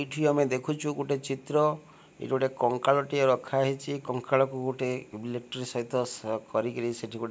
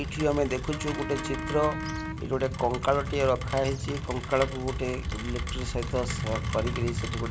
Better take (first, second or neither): first